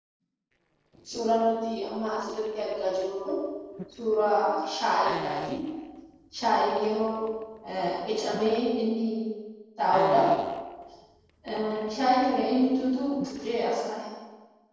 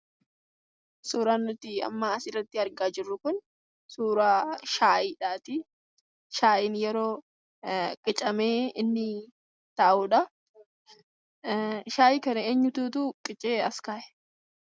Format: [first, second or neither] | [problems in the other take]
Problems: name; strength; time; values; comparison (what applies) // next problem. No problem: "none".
second | noise reduction (neural separator model SepFormer DNS4)